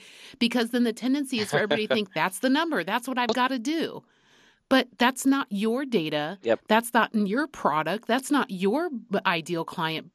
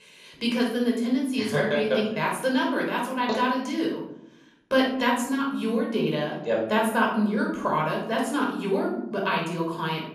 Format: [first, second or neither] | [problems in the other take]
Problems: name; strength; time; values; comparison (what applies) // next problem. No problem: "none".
first | off-mic speech; far // room echo; noticeable; dies away in 0.6 s